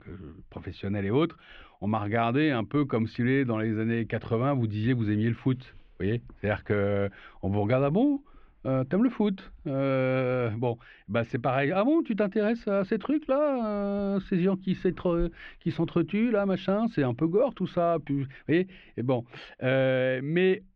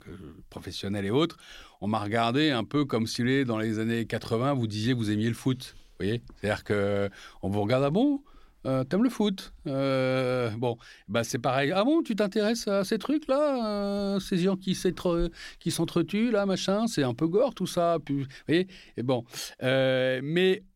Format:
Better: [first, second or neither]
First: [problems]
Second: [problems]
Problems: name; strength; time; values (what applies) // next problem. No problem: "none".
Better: second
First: muffled; very; fading above 2.5 kHz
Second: none